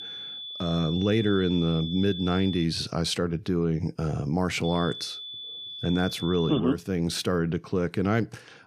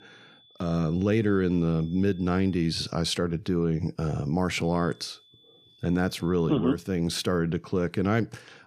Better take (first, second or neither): second